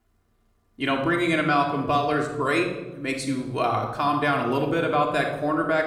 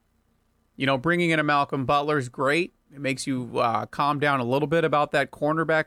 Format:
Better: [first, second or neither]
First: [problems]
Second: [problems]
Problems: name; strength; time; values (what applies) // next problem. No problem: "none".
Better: second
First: room echo; noticeable; dies away in 0.8 s // off-mic speech; somewhat distant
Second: none